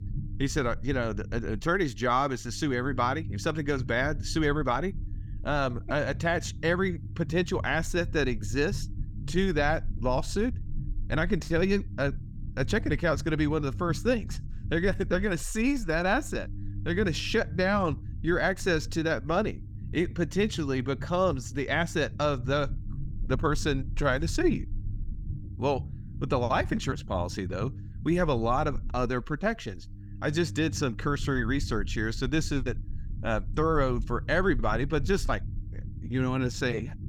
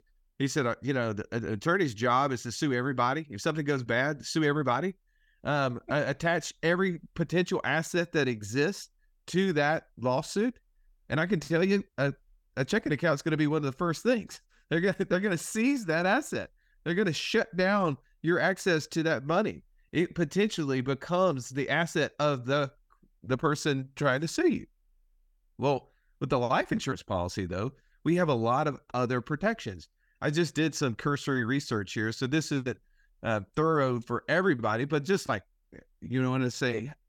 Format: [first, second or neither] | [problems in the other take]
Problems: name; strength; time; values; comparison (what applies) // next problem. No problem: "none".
second | low rumble; faint; throughout; 20 dB below the speech